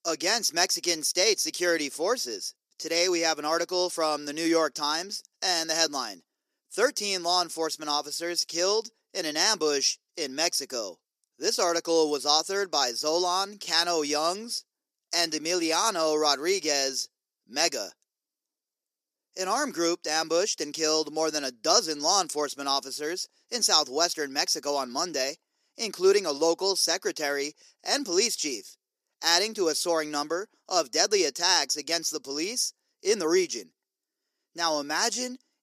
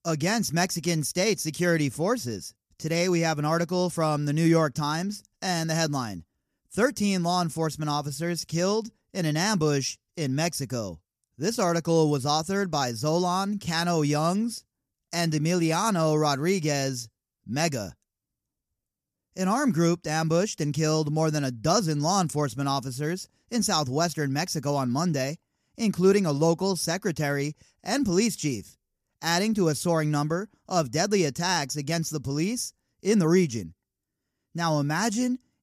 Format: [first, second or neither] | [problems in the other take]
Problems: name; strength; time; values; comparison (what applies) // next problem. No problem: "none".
second | thin; very; fading below 350 Hz